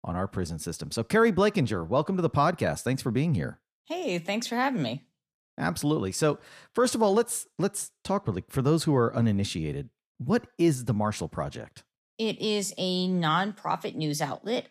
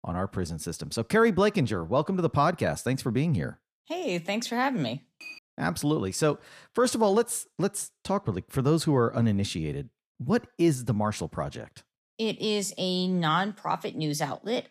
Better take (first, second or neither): first